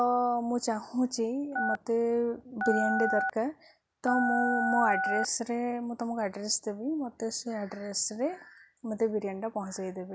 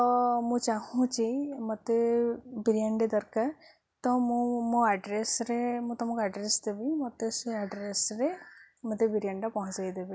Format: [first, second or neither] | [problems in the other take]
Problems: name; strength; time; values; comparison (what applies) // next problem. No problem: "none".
second | background sound (Telephone); 1 dB below the speech